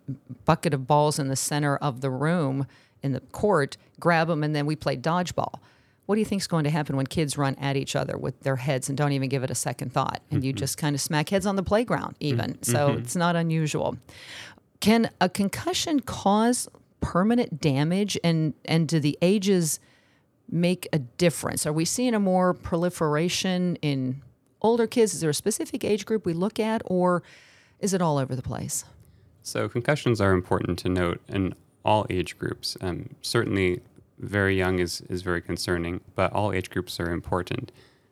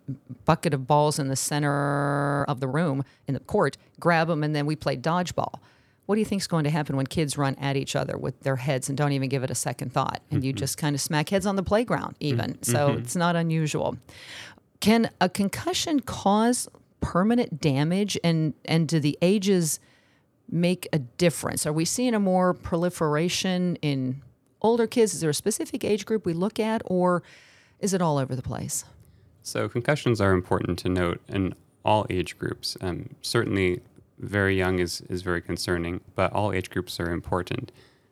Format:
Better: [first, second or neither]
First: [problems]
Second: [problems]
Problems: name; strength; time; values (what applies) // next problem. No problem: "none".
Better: first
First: none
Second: audio freezing; at 1.5 s for 0.5 s